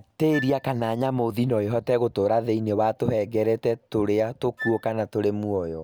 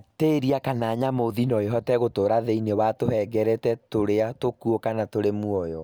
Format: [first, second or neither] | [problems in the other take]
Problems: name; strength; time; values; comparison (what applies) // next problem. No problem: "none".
second | background sound (Wind instrument, woodwind instrument); 14 dB below the speech